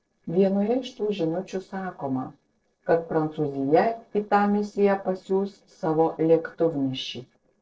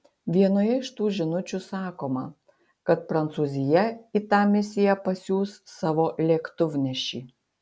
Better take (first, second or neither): second